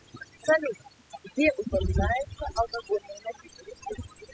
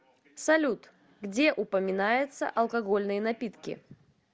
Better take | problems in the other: second | noise reduction (classical method spectral subtraction)

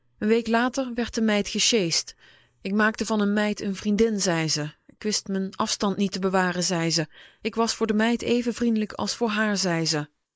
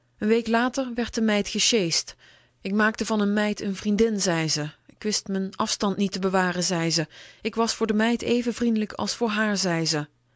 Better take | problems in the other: second | noise reduction (neural mask model Resemble Enhance denoiser)

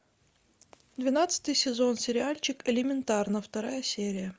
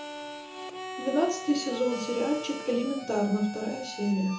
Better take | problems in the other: first | background sound (Harmonica); 10 dB below the speech // room echo; dies away in 0.8 s

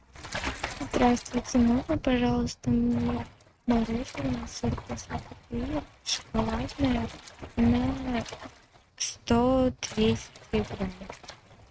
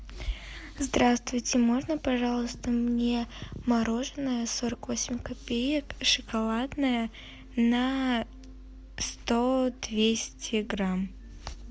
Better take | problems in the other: second | noise reduction (neural mask model RNNoise)

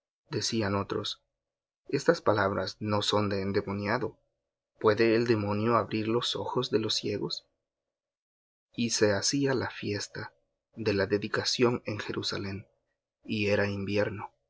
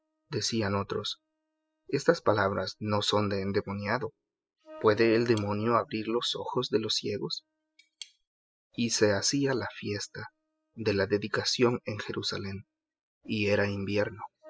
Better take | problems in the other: first | noise reduction (classical method spectral subtraction)

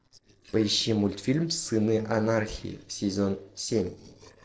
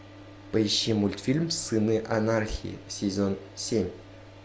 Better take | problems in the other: second | noise reduction (neural separator model SepFormer DNS4)

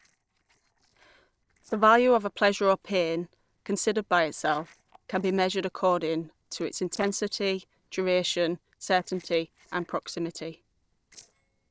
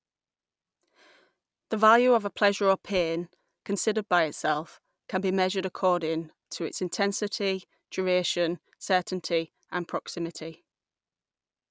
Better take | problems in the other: second | noise reduction (neural separator model SepFormer DNS4)

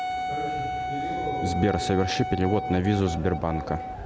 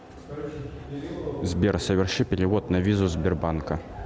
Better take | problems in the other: second | background sound (Wind instrument, woodwind instrument); 4 dB below the speech

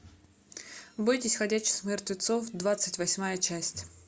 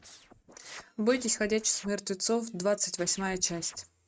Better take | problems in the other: first | noise reduction (neural mask model RNNoise)

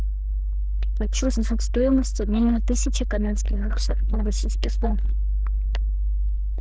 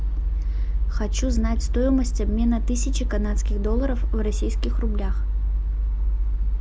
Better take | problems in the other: second | noise reduction (neural diffusion model UNIVERSE++)

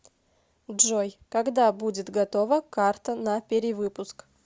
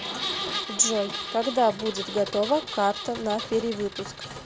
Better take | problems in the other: first | background sound (Engine); 7 dB below the speech

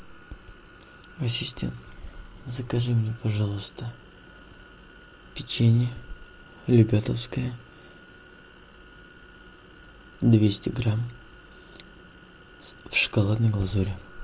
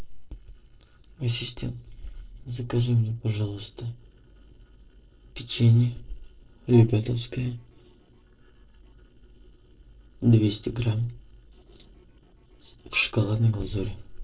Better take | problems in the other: first | noise reduction (neural separator model SepFormer DNS4)

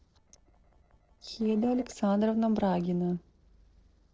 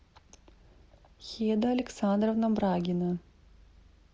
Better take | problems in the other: second | noise reduction (neural separator model SepFormer DNS4)

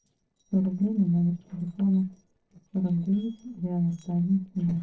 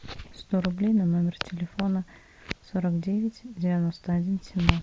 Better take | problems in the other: second | noise reduction (neural separator model SepFormer DNS4)

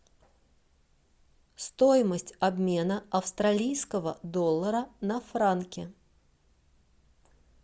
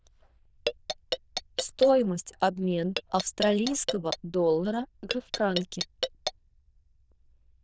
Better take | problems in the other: first | noise reduction (neural diffusion model UNIVERSE++)

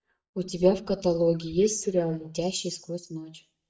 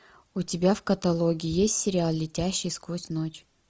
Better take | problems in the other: second | noise reduction (neural mask model DeepFilterNet 3)

